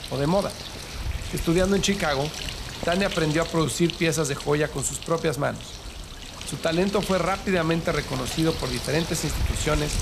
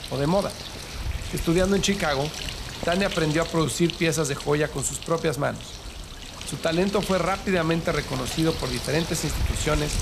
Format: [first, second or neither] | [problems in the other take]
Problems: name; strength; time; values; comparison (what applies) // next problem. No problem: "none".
neither | animal sounds; loud; throughout; 8 dB below the speech; the same in both